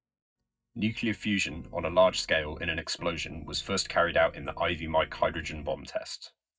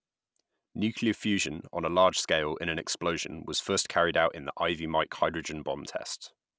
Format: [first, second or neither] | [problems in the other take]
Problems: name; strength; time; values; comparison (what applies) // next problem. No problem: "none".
second | noise reduction (neural mask model DeepFilterNet 3)